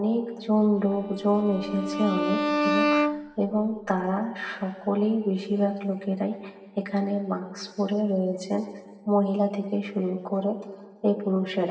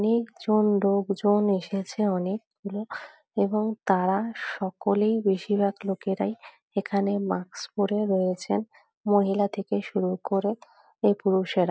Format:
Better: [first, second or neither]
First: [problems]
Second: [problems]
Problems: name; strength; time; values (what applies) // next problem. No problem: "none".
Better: second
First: background sound (Bowed string instrument); 2 dB below the speech // room echo; dies away in 1.4 s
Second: none